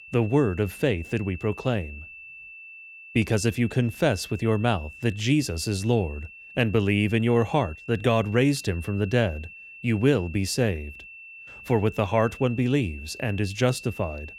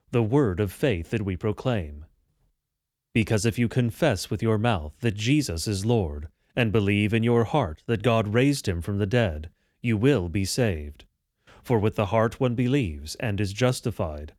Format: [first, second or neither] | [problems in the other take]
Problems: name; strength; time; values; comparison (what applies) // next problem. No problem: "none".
second | high-pitched whine; noticeable; throughout; 2.5 kHz, 15 dB below the speech